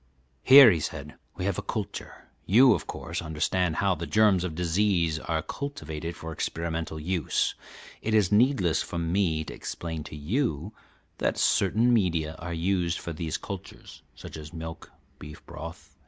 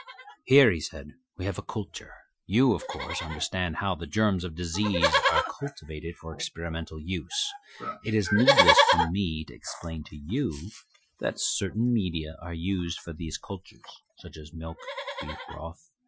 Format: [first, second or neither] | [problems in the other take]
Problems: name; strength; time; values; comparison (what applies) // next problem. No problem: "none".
first | noise reduction (classical method Wiener filter)